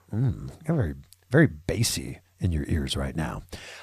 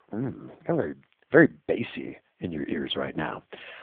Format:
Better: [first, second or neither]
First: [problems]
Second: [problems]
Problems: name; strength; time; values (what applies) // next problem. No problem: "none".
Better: first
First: none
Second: phone-call audio; poor line; nothing above 3.5 kHz